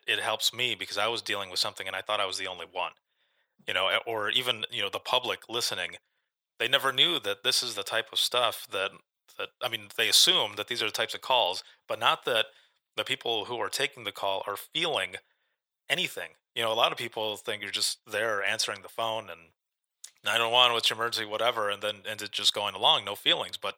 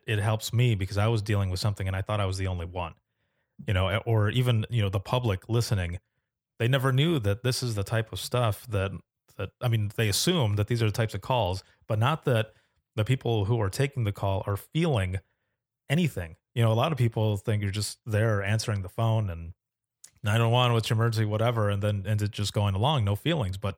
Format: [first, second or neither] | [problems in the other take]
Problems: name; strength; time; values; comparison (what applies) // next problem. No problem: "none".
second | thin; very; fading below 600 Hz